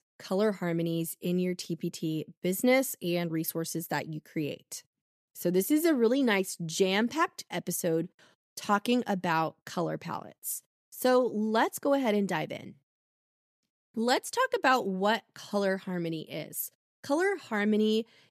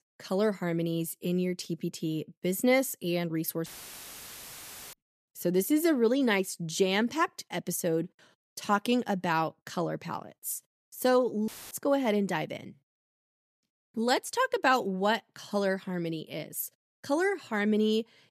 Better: first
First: none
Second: audio cutting out; filled with static; at 3.5 s for 1.5 s and at 11 s

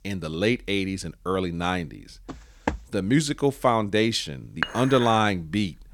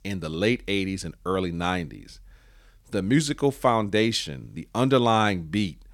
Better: second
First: footsteps; noticeable; at 2.5 s; peak 7 dB below the speech // clattering dishes; noticeable; at 4.5 s; peak 5 dB below the speech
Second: none

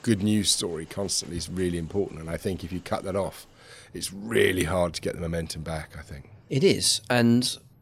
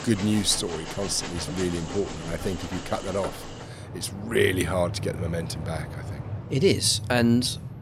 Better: first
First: train or aircraft noise; faint; throughout; 25 dB below the speech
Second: train or aircraft noise; loud; throughout; 10 dB below the speech

